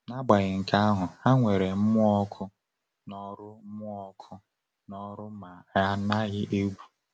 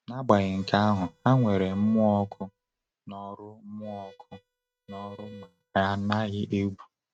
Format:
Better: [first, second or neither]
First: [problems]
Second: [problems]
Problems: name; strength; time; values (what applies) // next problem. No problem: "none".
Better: first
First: none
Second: noise reduction (neural mask model RNNoise)